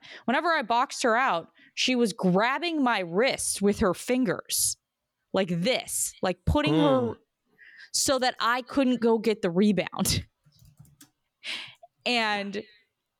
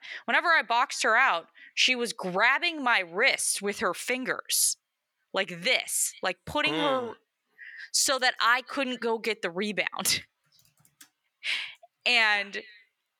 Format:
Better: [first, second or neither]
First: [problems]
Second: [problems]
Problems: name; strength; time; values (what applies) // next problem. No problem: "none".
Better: first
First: none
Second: thin; somewhat; fading below 900 Hz